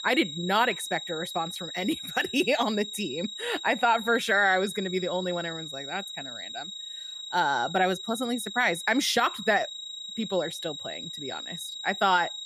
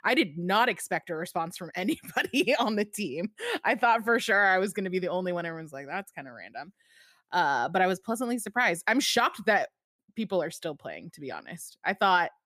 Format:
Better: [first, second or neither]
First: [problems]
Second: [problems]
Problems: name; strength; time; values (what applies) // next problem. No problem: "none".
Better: second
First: high-pitched whine; loud; throughout; 4 kHz, 9 dB below the speech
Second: none